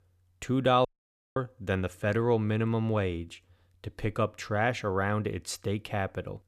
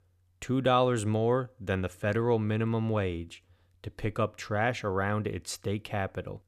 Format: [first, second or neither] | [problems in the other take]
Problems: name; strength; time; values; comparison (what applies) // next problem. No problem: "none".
second | audio cutting out; at 1 s for 0.5 s